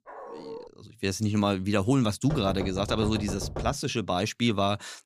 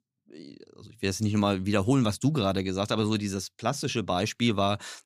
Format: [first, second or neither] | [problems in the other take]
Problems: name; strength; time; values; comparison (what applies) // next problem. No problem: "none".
second | dog barking; faint; at the start; peak 15 dB below the speech // door banging; noticeable; from 2.5 to 3.5 s; peak 8 dB below the speech